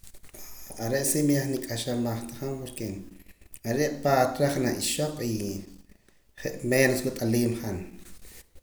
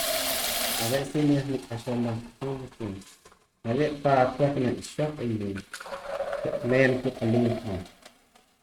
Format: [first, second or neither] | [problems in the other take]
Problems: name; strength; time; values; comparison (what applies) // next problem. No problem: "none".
first | noise reduction (neural mask model RNNoise)